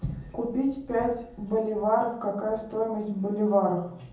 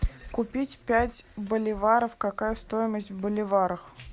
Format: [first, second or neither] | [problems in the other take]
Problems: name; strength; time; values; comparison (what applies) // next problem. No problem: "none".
second | room echo; dies away in 0.7 s